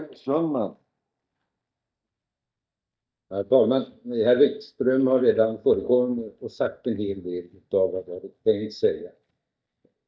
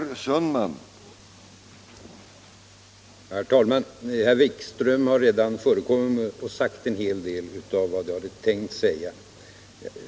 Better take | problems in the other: second | noise reduction (neural mask model DeepFilterNet 3)

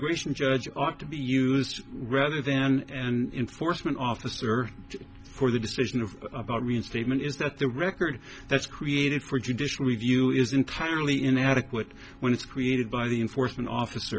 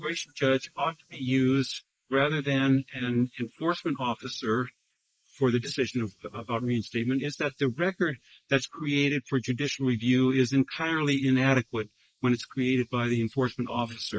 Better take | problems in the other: first | noise reduction (neural mask model Resemble Enhance denoiser)

